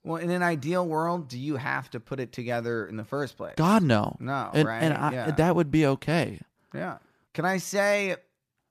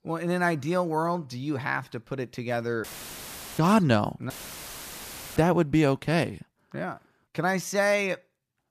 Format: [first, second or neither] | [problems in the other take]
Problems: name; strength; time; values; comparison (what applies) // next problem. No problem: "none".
first | audio cutting out; filled with static; at 3 s for 0.5 s and at 4.5 s for 1 s